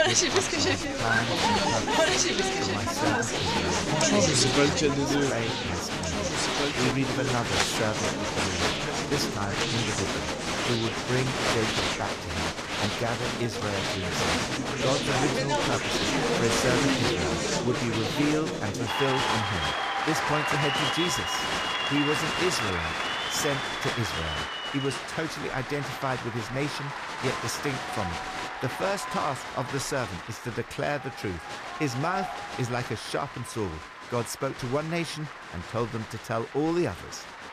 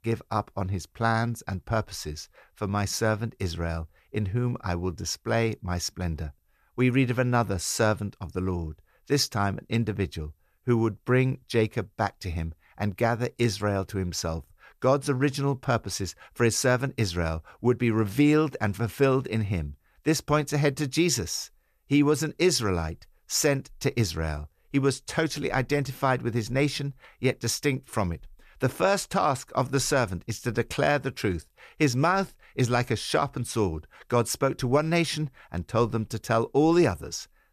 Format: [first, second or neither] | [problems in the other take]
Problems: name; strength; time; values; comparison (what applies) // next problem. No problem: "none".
second | crowd noise; very loud; throughout; 5 dB above the speech